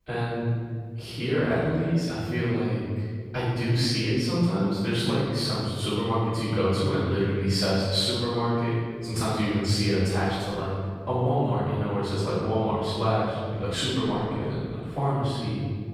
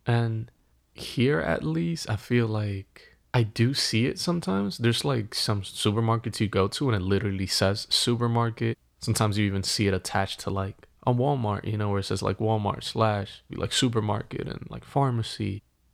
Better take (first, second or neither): second